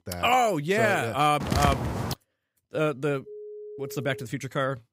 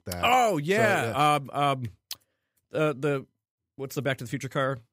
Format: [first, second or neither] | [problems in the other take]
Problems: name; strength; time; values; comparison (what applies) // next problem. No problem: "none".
second | footsteps; noticeable; at 1.5 s; peak level with the speech // phone ringing; faint; from 3.5 to 4.5 s; peak 15 dB below the speech